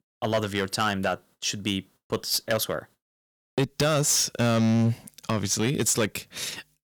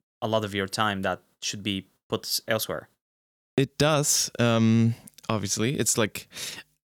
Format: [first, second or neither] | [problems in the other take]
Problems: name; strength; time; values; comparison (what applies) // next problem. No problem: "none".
second | distortion; slight; 6% of the sound clipped